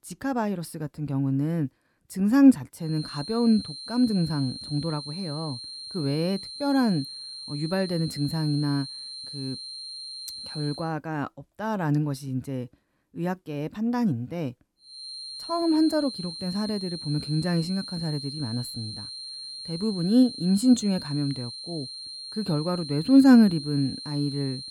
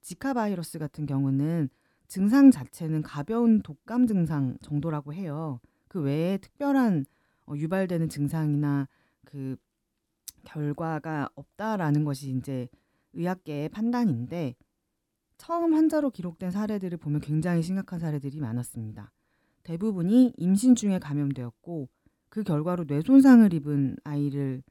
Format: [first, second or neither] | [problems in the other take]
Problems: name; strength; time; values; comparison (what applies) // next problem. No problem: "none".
second | high-pitched whine; noticeable; from 3 to 11 s and from 15 s on; 4 kHz, 10 dB below the speech